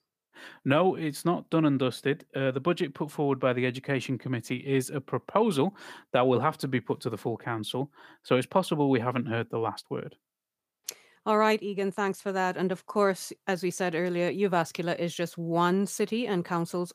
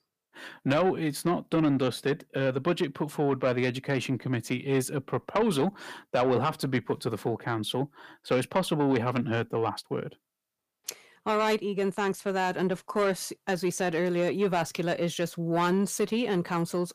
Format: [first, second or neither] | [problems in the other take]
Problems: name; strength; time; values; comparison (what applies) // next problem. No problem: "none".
first | distortion; slight; 10 dB below the speech